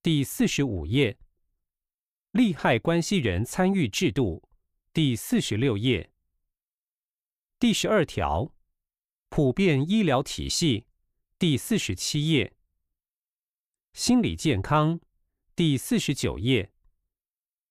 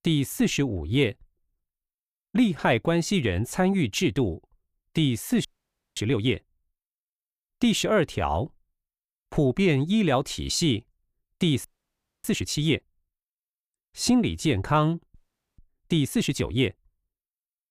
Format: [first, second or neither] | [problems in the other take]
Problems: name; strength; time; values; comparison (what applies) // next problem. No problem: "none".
first | audio freezing; at 5.5 s for 0.5 s, at 12 s for 0.5 s and at 15 s